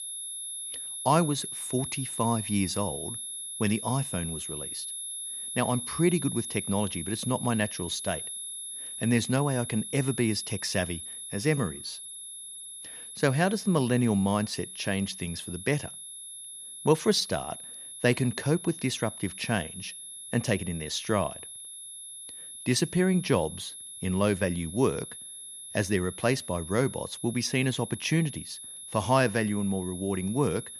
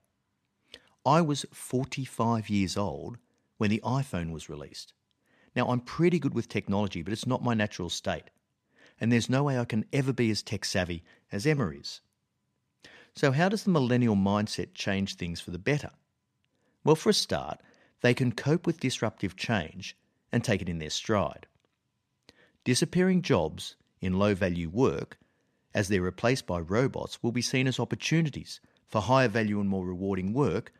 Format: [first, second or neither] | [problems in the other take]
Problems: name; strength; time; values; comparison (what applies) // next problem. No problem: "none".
second | high-pitched whine; loud; throughout; 11 kHz, 8 dB below the speech